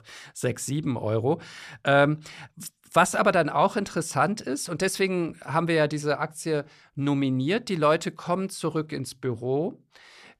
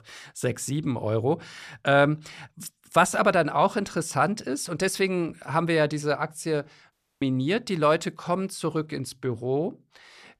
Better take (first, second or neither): first